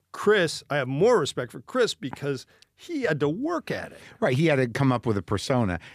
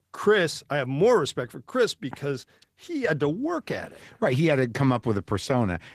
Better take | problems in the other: first | garbled, watery; slightly; nothing above 14.5 kHz

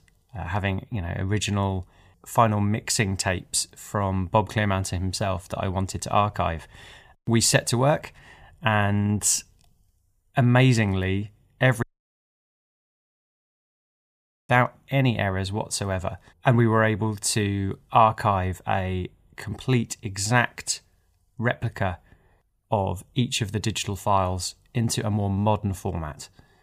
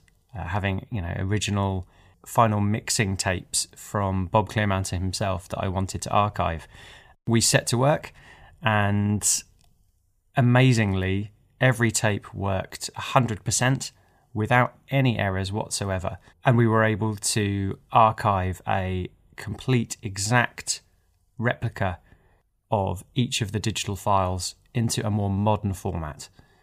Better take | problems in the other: second | audio cutting out; at 12 s for 2.5 s

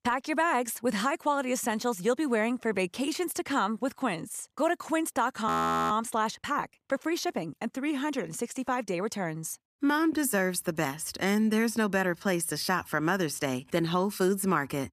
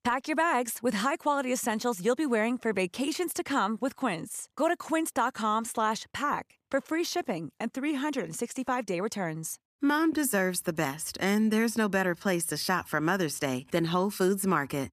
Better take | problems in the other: second | audio freezing; at 5.5 s

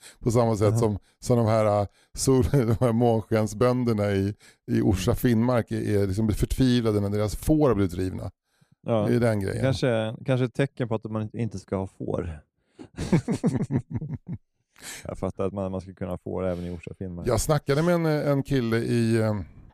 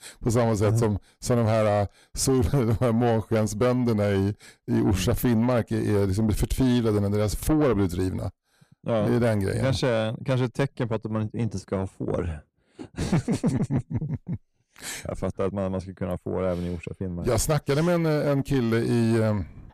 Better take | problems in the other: first | distortion; slight; 10 dB below the speech

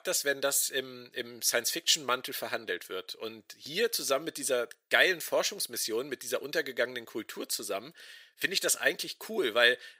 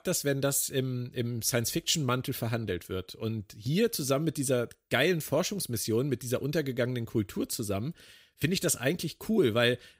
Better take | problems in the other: second | thin; very; fading below 550 Hz

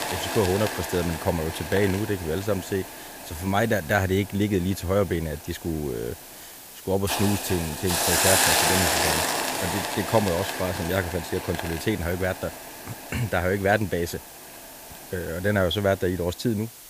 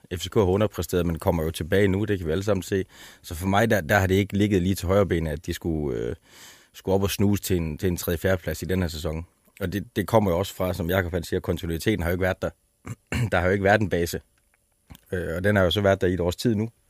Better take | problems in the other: second | hiss; loud; throughout; as loud as the speech

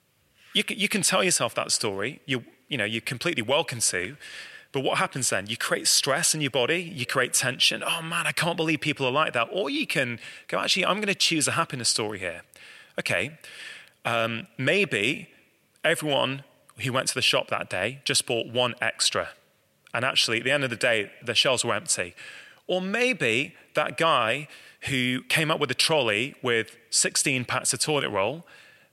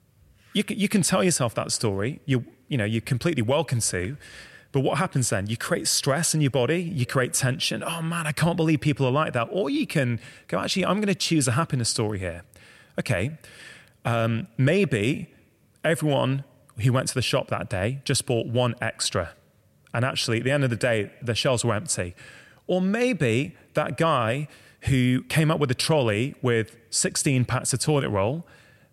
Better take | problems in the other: second | thin; somewhat; fading below 500 Hz

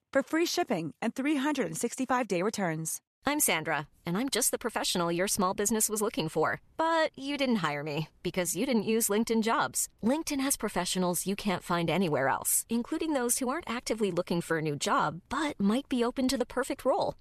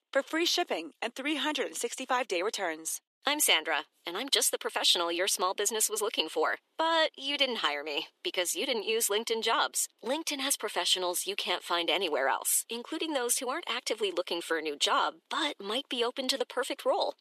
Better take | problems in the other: first | thin; somewhat; fading below 300 Hz

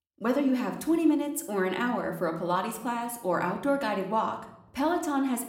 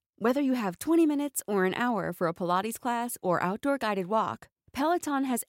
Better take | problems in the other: second | room echo; slight; dies away in 0.6 s

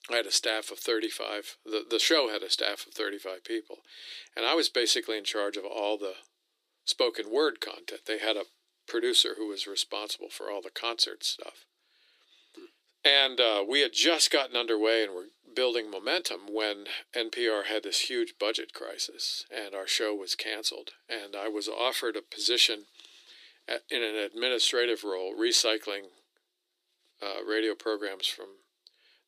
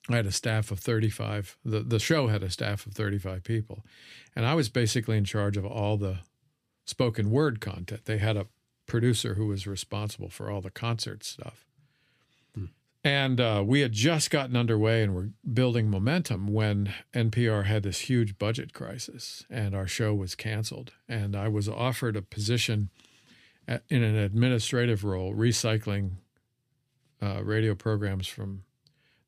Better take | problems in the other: second | thin; very; fading below 350 Hz

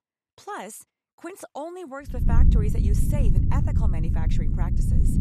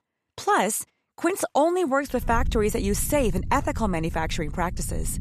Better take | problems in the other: second | low rumble; loud; from 2 s on; as loud as the speech; faint in the second

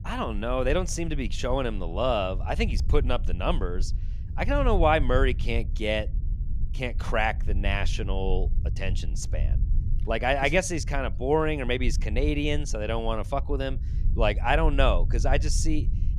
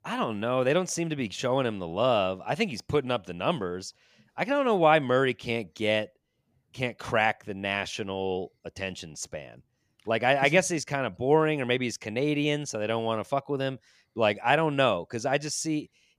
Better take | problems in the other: second | low rumble; faint; throughout; 20 dB below the speech

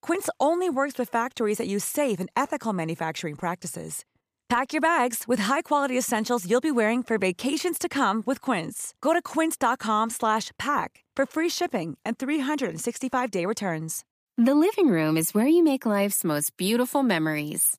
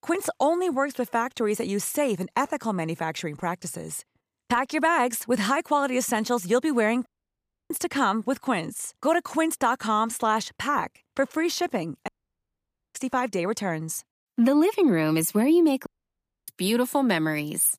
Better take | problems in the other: first | audio cutting out; at 7 s for 0.5 s, at 12 s for 1 s and at 16 s for 0.5 s

